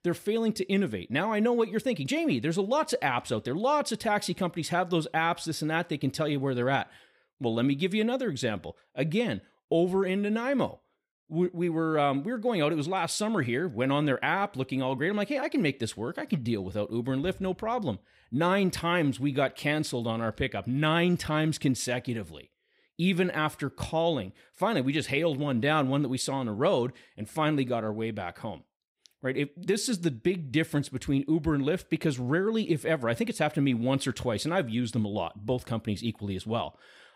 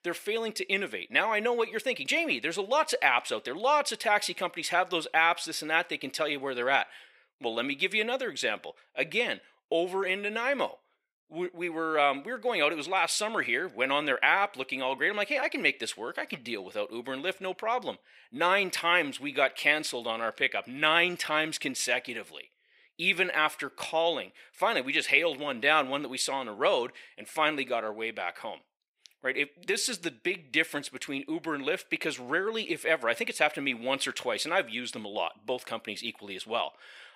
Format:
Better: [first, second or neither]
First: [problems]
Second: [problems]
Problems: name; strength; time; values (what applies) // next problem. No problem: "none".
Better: first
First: none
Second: thin; somewhat; fading below 500 Hz